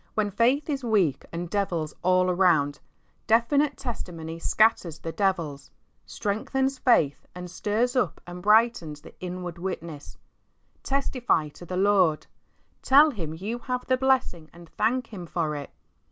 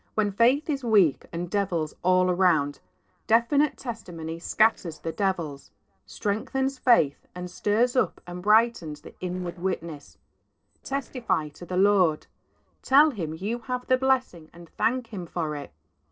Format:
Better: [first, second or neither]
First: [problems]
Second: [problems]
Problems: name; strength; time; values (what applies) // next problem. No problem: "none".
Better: first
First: none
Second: noise reduction (neural separator model SepFormer DNS4)